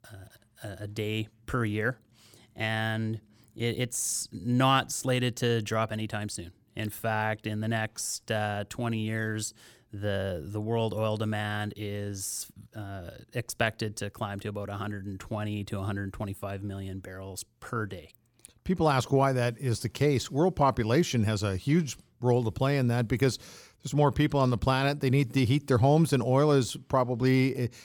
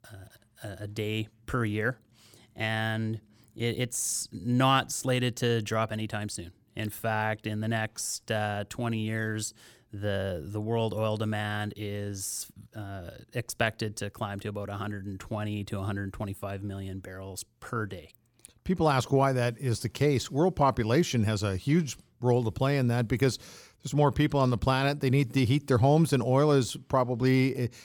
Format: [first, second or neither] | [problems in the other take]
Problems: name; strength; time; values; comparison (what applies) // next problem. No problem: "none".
neither | none